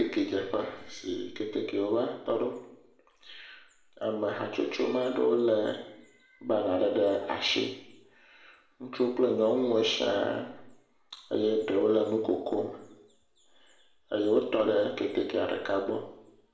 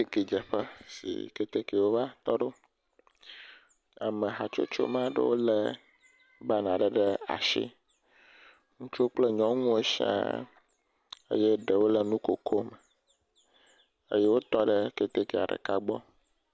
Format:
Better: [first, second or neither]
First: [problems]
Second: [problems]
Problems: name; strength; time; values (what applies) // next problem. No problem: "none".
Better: second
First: room echo; dies away in 0.7 s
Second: none